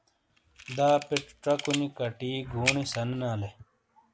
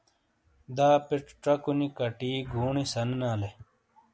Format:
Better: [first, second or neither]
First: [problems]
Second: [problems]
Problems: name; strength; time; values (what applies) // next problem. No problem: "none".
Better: second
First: background sound (Camera); 7 dB below the speech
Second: none